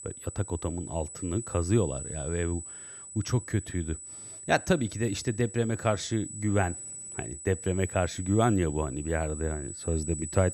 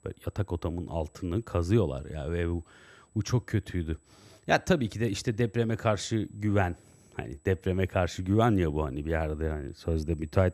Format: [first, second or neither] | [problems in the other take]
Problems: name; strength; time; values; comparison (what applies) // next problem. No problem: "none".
second | high-pitched whine; loud; throughout; 8 kHz, 9 dB below the speech; faint in the second